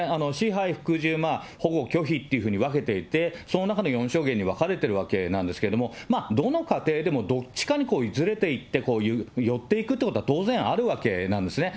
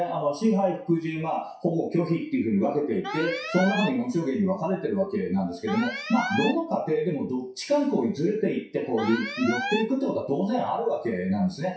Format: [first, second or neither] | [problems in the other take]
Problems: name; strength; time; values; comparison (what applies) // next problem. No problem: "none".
first | noise reduction (classical method WPE with log-MMSE)